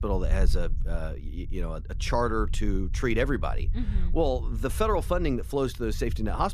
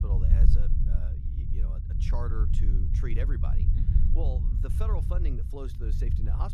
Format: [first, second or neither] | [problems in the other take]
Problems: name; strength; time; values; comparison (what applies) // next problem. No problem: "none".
first | low rumble; loud; throughout; 2 dB below the speech; faint in the first